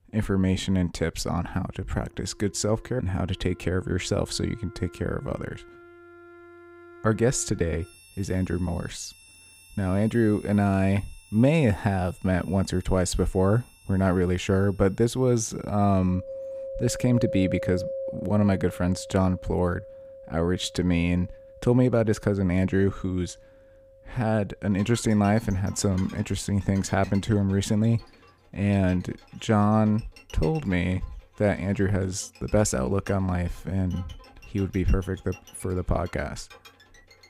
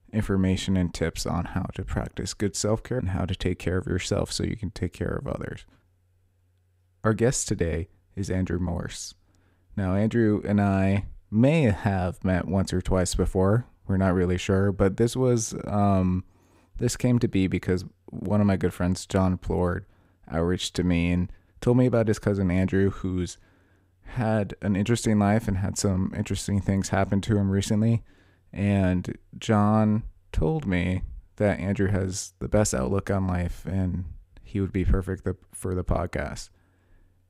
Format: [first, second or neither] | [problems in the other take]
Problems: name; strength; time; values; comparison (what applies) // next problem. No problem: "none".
second | background music; noticeable; throughout; 20 dB below the speech